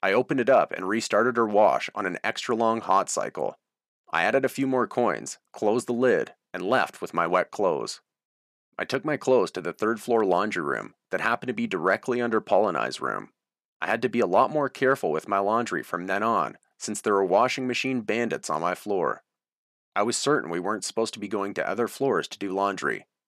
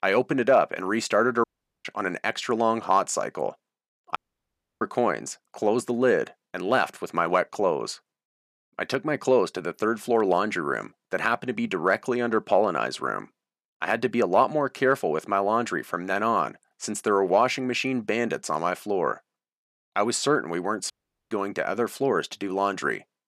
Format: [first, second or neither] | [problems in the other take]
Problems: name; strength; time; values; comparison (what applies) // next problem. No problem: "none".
first | audio cutting out; at 1.5 s, at 4 s for 0.5 s and at 21 s